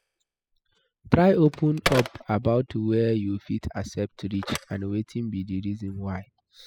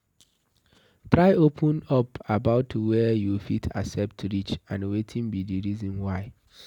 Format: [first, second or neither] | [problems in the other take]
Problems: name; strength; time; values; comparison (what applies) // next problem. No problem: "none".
second | noise reduction (classical method spectral subtraction)